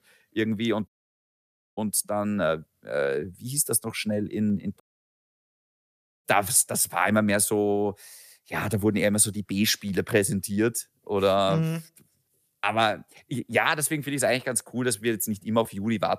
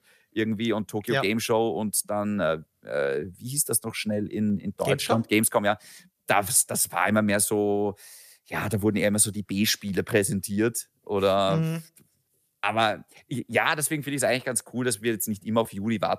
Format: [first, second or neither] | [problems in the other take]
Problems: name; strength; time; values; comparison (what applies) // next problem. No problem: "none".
second | audio cutting out; at 1 s for 1 s and at 5 s for 1.5 s